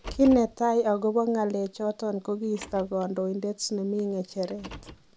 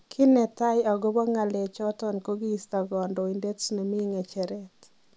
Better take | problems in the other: second | background sound (Car); 20 dB below the speech

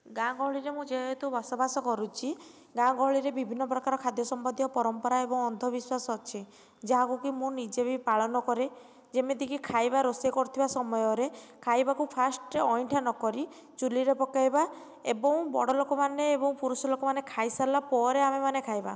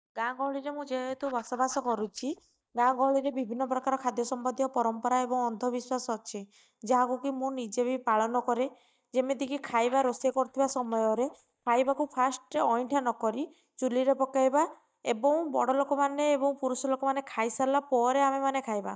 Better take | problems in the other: first | noise reduction (neural mask model DeepFilterNet 3)

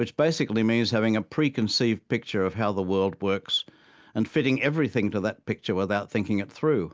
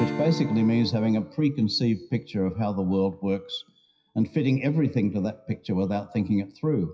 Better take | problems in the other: first | noise reduction (classical method WPE with log-MMSE)

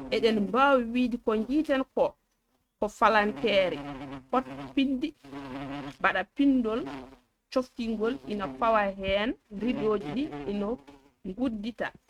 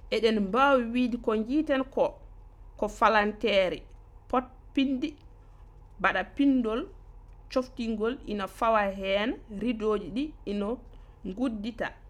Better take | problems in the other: second | noise reduction (neural mask model RNNoise)

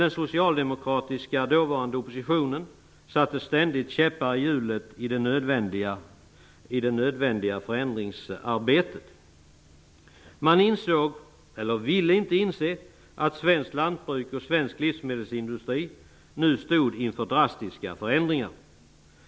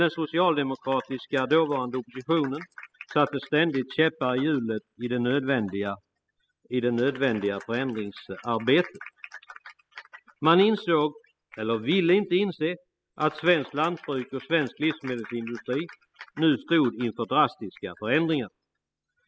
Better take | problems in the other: first | noise reduction (classical method spectral subtraction)

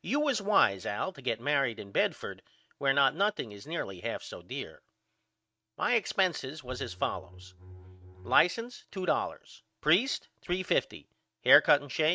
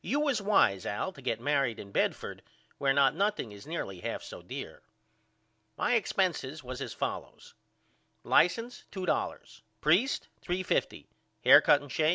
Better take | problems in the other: second | noise reduction (neural mask model RNNoise)

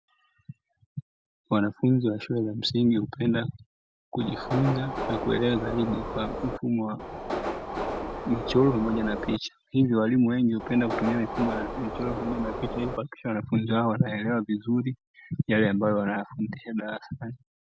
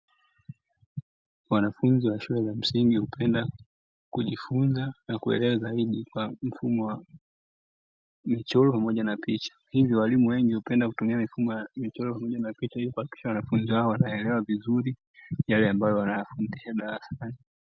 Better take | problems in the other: second | background sound (Subway, metro, underground); 5 dB below the speech

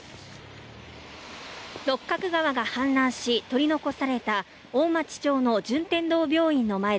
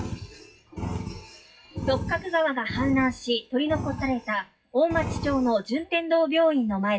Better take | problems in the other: first | noise reduction (classical method WPE with log-MMSE)

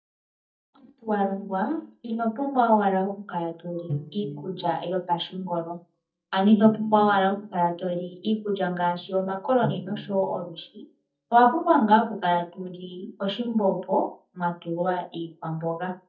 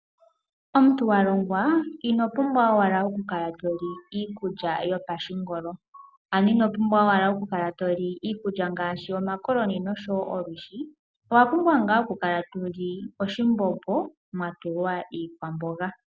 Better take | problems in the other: second | noise reduction (neural mask model DeepFilterNet 3)

